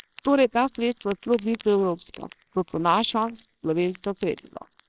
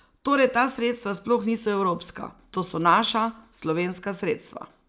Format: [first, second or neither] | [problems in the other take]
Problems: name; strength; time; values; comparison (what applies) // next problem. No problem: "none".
second | noise reduction (neural separator model SepFormer WHAMR!)